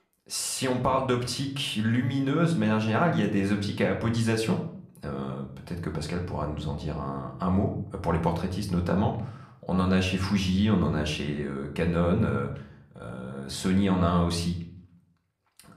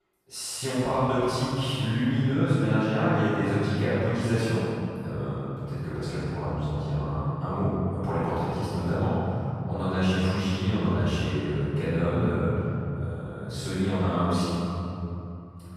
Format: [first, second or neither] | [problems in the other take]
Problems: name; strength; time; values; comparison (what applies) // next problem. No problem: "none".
first | room echo; strong; dies away in 2.9 s; slight in the first // off-mic speech; far; somewhat distant in the first